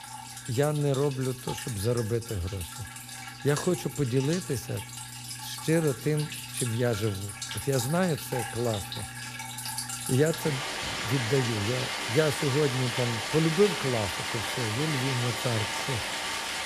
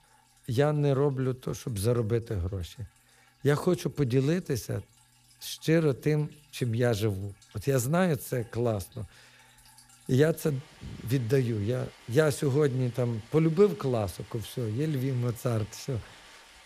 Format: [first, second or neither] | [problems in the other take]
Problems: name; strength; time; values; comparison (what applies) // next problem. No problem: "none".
second | rain or running water; loud; throughout; 4 dB below the speech; faint in the second